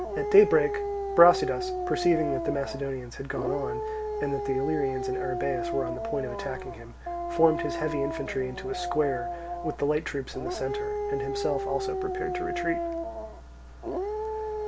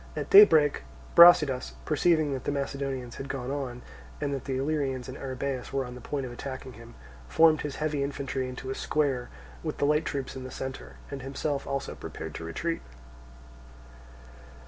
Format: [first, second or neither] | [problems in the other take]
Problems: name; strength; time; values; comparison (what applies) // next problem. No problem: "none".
second | background sound (Dog); 3 dB below the speech